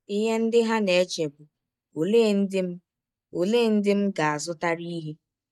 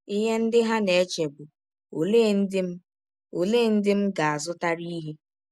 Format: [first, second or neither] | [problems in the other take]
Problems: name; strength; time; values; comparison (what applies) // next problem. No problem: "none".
second | noise reduction (neural mask model DeepFilterNet 3)